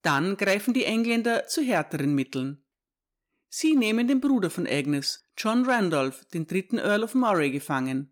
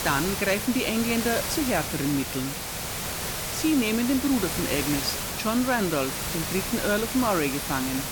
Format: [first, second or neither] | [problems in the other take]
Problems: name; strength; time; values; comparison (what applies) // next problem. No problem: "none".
first | hiss; loud; throughout; 3 dB below the speech